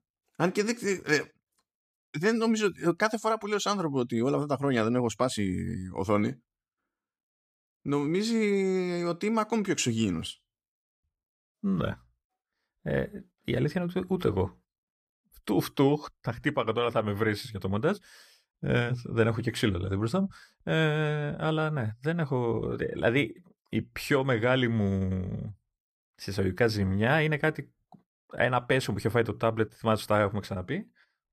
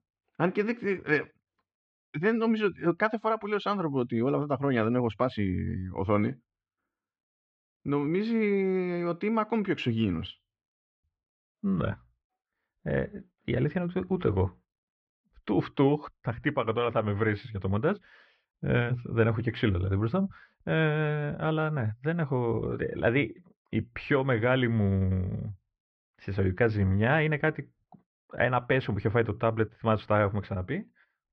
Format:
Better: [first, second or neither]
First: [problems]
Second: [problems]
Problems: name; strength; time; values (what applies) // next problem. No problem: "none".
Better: first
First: none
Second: muffled; very; fading above 3 kHz